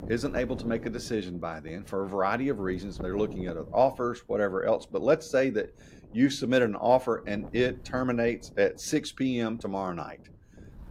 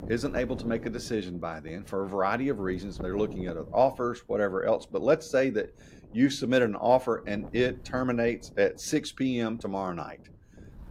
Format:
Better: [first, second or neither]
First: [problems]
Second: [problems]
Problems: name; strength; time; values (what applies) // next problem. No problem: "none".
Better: neither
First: wind noise on the microphone; occasional gusts; 20 dB below the speech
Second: wind noise on the microphone; occasional gusts; 20 dB below the speech